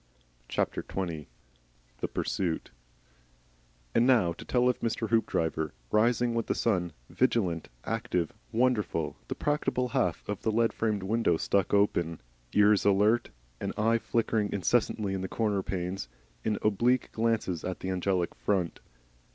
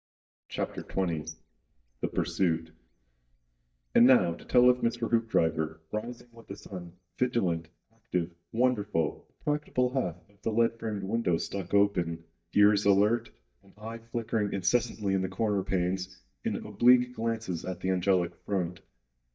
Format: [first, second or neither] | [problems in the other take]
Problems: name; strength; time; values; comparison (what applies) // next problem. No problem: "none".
first | noise reduction (neural mask model DeepFilterNet 3)